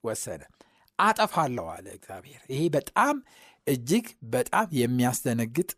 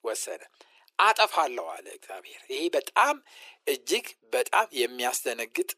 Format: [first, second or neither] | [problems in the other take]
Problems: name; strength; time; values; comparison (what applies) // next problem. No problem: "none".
first | thin; very; fading below 350 Hz